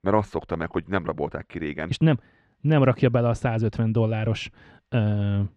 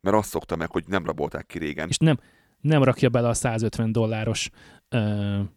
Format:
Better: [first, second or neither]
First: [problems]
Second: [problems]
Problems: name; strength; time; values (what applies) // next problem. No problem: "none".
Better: second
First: muffled; slightly; fading above 3 kHz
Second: none